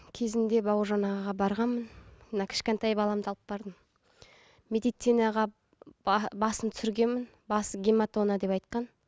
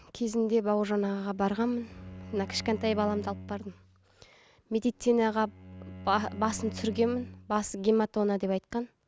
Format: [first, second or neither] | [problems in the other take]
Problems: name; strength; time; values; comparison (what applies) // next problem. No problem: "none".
first | background sound (Bowed string instrument); 14 dB below the speech